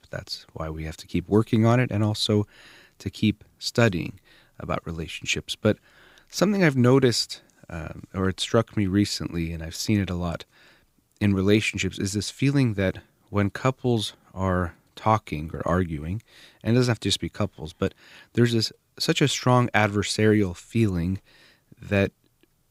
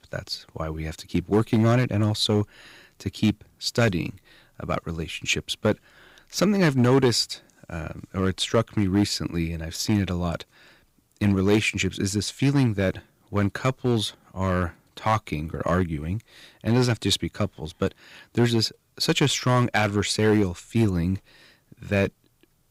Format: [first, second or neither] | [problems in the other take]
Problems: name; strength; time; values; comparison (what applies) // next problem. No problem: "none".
first | distortion; slight; 2% of the sound clipped